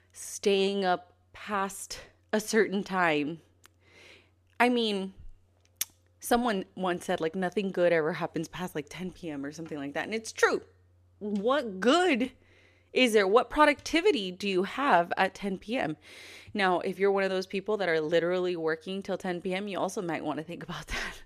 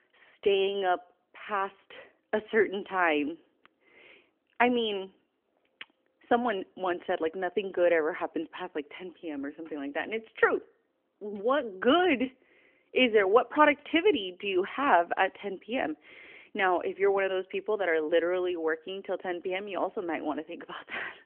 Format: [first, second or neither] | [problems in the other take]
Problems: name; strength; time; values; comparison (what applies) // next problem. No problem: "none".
first | phone-call audio; nothing above 3.5 kHz